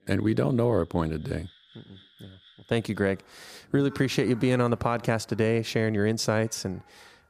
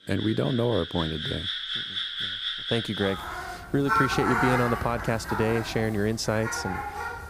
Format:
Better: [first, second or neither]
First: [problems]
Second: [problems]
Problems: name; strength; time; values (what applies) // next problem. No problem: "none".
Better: first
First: animal sounds; faint; throughout; 30 dB below the speech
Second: animal sounds; loud; throughout; 2 dB below the speech